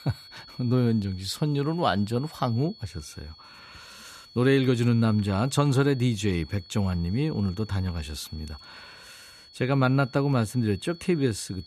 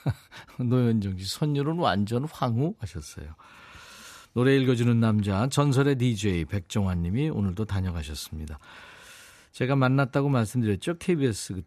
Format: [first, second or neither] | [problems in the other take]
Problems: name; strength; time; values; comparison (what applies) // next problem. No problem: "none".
second | high-pitched whine; faint; throughout; 4.5 kHz, 20 dB below the speech